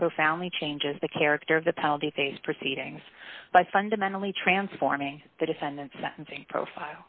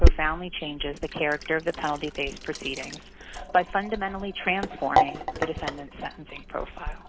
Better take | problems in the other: first | background sound (Sink (filling or washing)); 3 dB above the speech

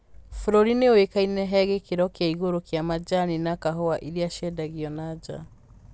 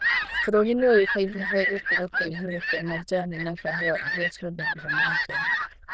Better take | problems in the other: first | noise reduction (neural diffusion model UNIVERSE++)

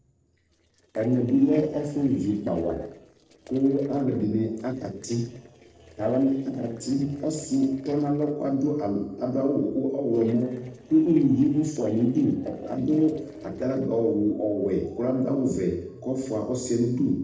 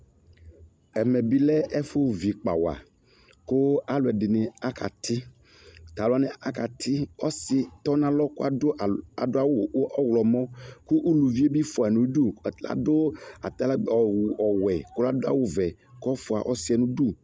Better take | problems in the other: second | noise reduction (neural separator model SepFormer DNS4)

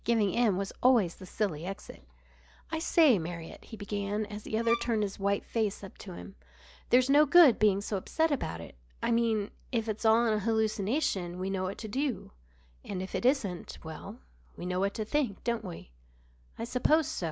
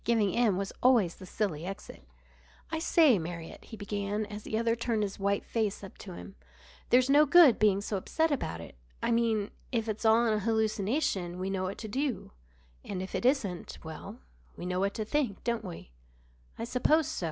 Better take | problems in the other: second | background sound (Bowed string instrument); 8 dB below the speech

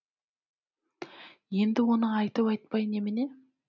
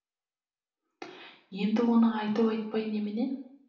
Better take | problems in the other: first | room echo; dies away in 0.6 s

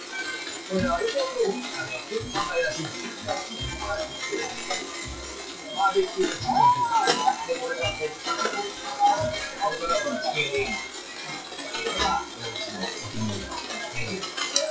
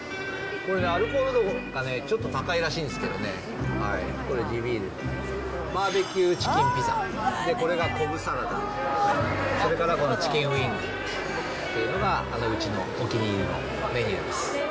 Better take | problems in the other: second | noise reduction (classical method WPE with log-MMSE)

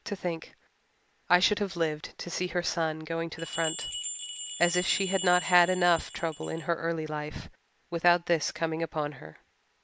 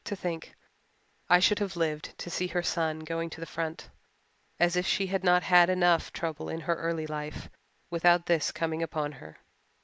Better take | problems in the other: second | background sound (Bell); 7 dB below the speech

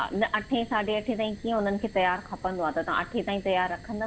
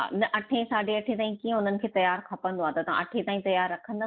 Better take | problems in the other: second | background sound (Fire); 18 dB below the speech

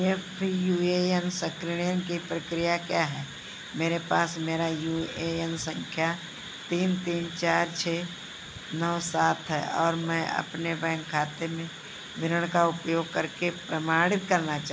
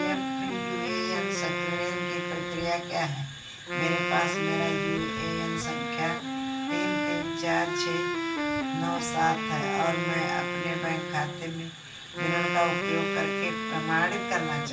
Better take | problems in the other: first | background sound (Wind instrument, woodwind instrument); as loud as the speech // room echo; dies away in 0.2 s

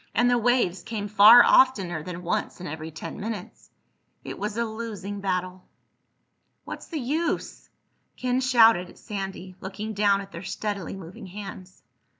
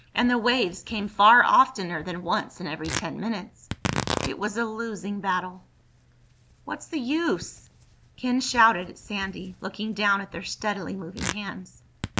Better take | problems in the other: first | background sound (Tearing); 11 dB below the speech

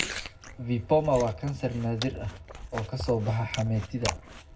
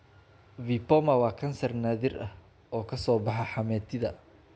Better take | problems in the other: second | background sound (Chewing, mastication); 10 dB below the speech // room echo; dies away in 0.4 s

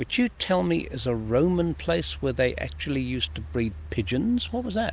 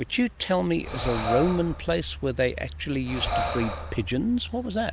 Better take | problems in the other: first | background sound (Breathing + Brass instrument); 7 dB below the speech

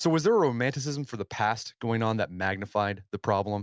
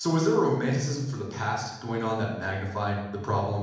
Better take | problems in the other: first | room echo; dies away in 1 s

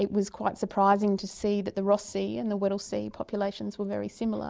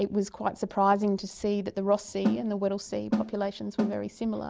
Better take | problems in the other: first | background sound (Snare drum); 2 dB below the speech

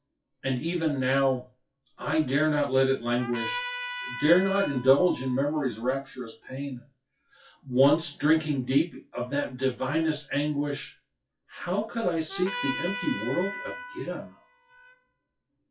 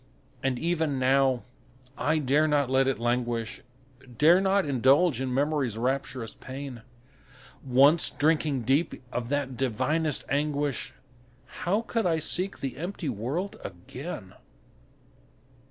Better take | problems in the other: second | noise reduction (classical method WPE with log-MMSE)

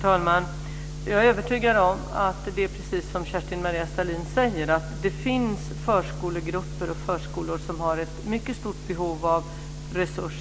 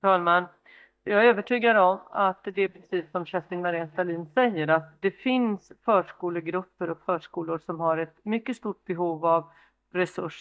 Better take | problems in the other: first | noise reduction (neural mask model DeepFilterNet 3)

